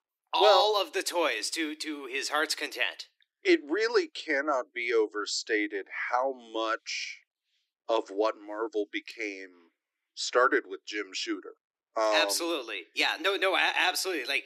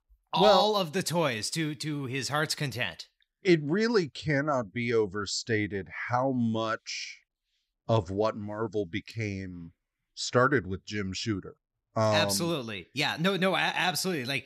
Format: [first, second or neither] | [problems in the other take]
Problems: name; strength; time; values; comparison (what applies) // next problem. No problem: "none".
second | thin; very; fading below 300 Hz